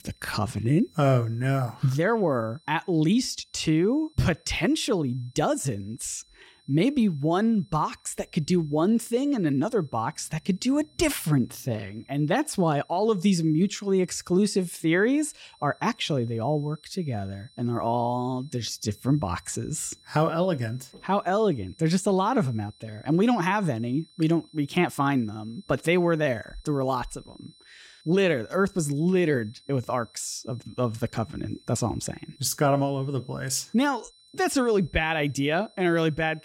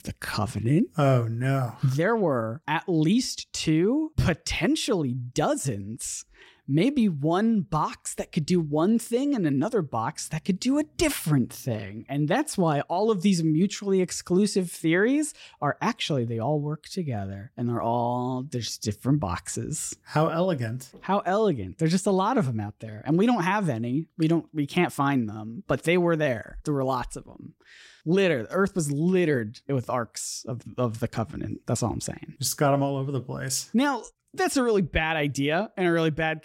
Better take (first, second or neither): second